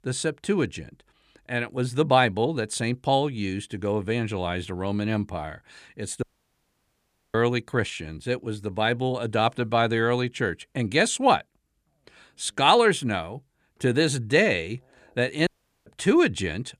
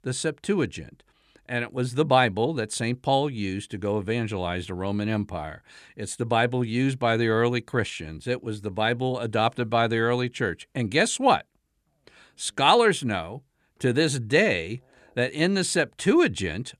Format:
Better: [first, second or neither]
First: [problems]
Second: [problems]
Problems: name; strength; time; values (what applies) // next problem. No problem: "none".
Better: second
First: audio cutting out; at 6 s for 1 s and at 15 s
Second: none